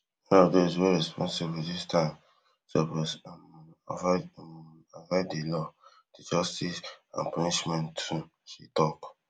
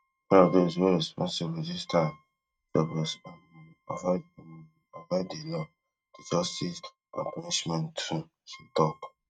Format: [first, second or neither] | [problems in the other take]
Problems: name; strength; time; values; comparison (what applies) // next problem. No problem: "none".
first | noise reduction (neural mask model RNNoise)